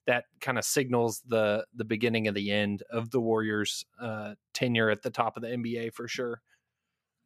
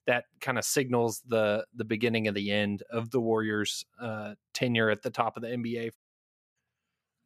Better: first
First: none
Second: audio cutting out; at 6 s for 0.5 s

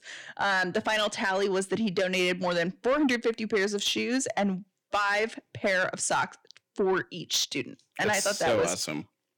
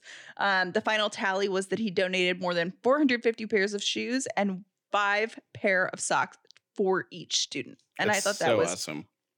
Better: second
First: distortion; slight; 10 dB below the speech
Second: none

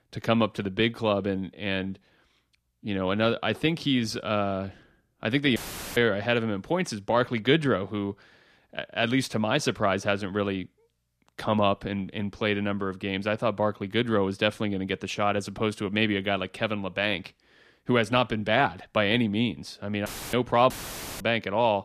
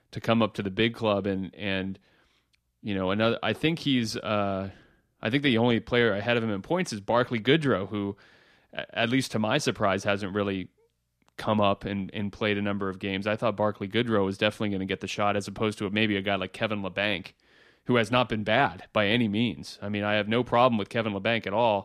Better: second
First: audio cutting out; filled with static; at 5.5 s, at 20 s and at 21 s for 0.5 s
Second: none

